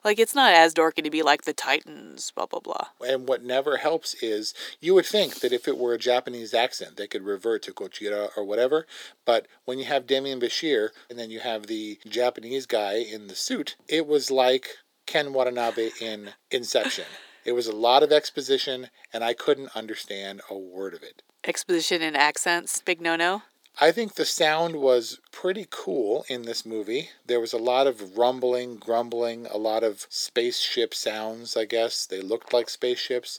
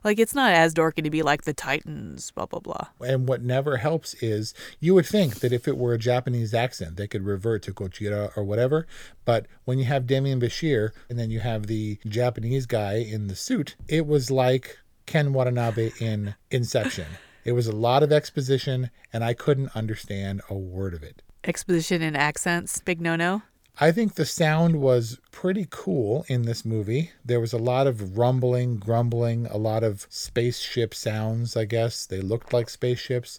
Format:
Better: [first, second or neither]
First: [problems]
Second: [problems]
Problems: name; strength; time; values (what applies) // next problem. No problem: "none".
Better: second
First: thin; very; fading below 300 Hz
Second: none